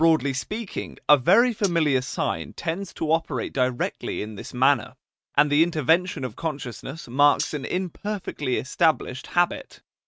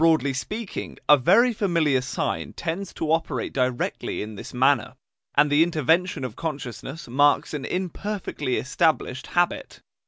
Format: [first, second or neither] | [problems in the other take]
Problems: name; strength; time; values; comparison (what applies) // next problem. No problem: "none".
second | noise reduction (neural mask model RNNoise)